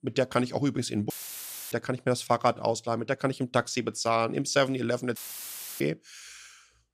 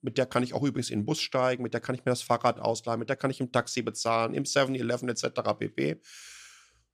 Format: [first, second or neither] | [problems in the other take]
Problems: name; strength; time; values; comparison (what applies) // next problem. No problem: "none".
second | audio cutting out; filled with static; at 1 s for 0.5 s and at 5 s for 0.5 s